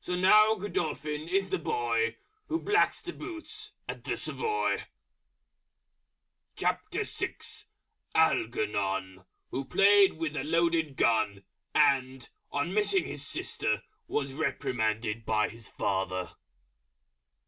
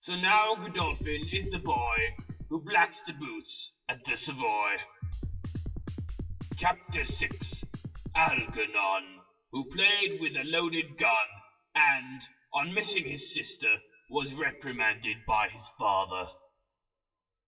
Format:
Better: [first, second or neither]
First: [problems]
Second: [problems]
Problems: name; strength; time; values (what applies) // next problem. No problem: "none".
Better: first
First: none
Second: noise reduction (classical method WPE with log-MMSE)